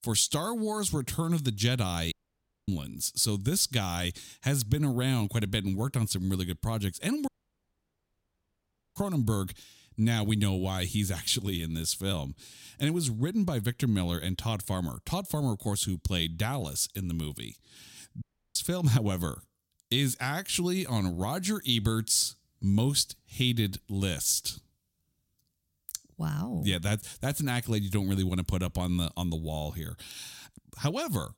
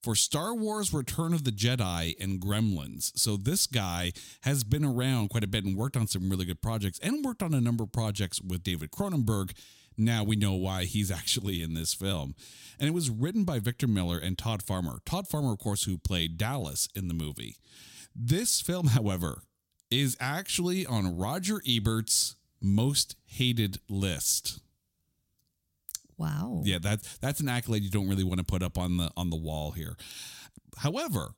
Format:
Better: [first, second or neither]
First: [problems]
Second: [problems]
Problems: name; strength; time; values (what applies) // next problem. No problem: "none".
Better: second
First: audio cutting out; at 2 s for 0.5 s, at 7.5 s for 1.5 s and at 18 s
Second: none